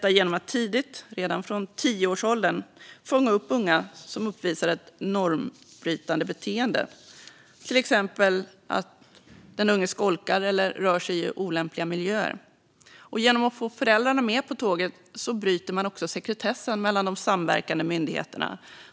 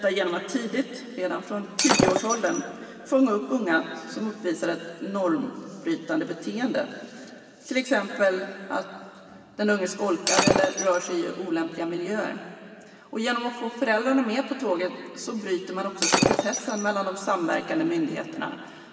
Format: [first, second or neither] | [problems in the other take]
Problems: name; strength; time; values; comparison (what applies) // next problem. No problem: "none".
first | background sound (Shatter); as loud as the speech // room echo; dies away in 2.4 s